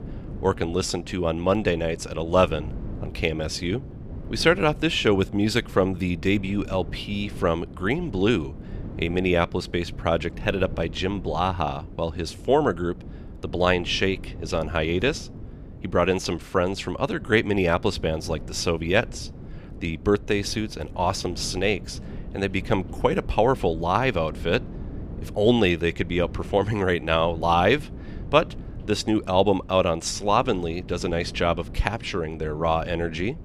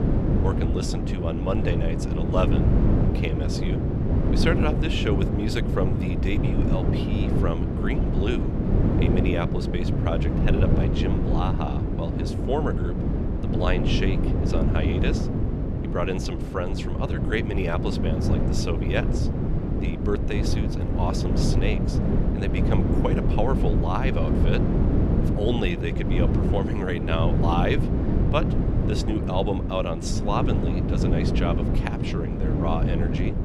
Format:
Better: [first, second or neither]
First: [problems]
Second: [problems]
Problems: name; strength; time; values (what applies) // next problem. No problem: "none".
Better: first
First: wind noise on the microphone; occasional gusts; 20 dB below the speech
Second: wind noise on the microphone; heavy; 1 dB below the speech